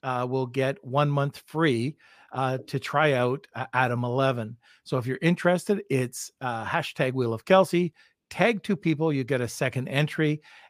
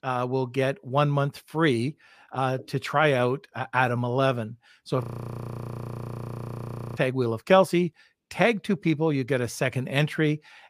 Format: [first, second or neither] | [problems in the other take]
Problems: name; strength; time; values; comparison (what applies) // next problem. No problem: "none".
first | audio freezing; at 5 s for 2 s